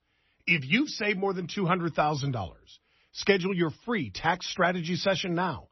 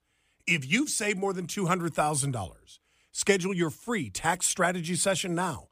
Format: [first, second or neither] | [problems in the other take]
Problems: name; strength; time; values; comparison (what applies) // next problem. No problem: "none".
second | garbled, watery; slightly; nothing above 6 kHz